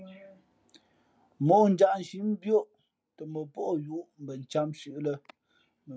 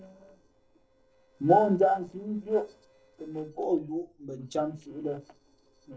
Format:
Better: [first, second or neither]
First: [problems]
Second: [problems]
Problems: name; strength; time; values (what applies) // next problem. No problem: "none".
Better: first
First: none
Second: noise reduction (neural separator model SepFormer DNS4)